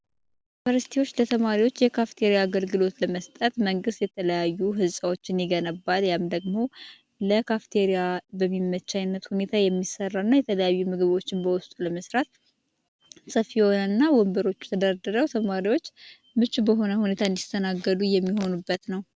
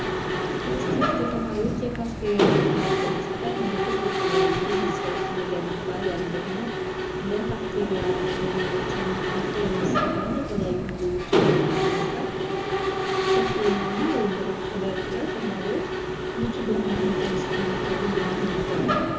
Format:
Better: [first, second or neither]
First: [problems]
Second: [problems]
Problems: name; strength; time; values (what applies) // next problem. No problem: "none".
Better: first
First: none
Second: background sound (Mechanisms); 5 dB above the speech // room echo; dies away in 0.6 s